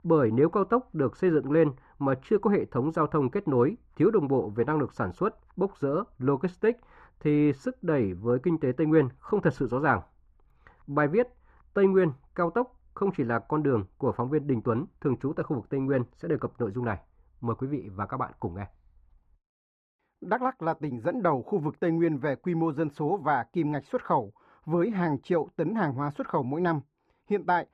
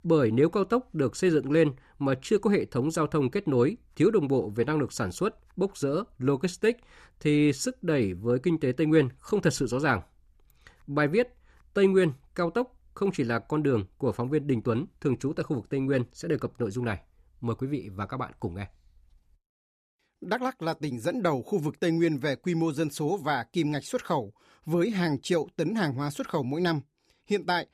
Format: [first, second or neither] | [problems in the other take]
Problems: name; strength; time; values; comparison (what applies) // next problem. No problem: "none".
second | muffled; very; fading above 3.5 kHz